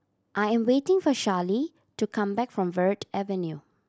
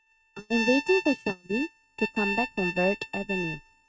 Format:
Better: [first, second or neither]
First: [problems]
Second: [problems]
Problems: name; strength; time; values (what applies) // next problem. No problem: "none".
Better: first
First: none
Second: noise reduction (neural mask model RNNoise)